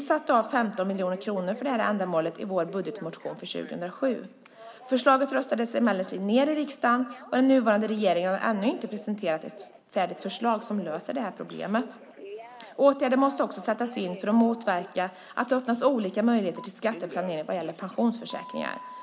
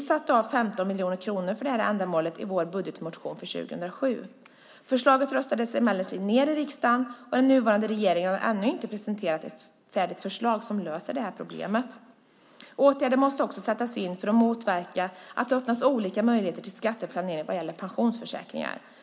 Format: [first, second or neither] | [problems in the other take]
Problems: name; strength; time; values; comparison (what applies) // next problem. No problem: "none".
second | background sound (Telephone); 19 dB below the speech